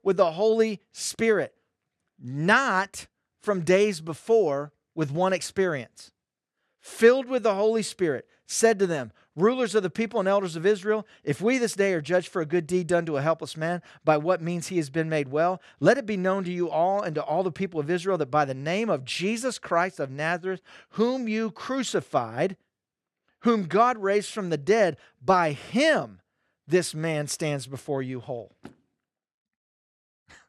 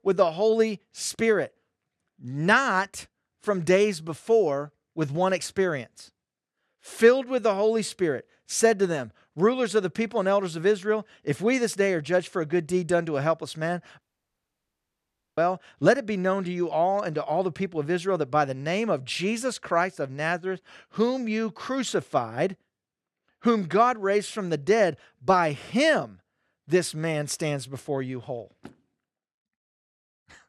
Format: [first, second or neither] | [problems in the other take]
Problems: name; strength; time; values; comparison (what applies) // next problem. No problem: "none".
first | audio cutting out; at 14 s for 1.5 s